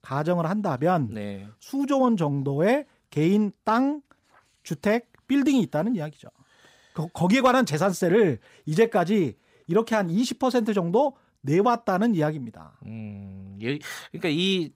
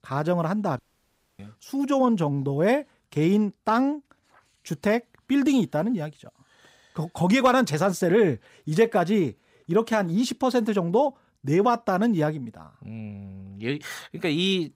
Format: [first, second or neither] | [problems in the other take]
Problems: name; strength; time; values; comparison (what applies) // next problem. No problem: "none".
first | audio cutting out; at 1 s for 0.5 s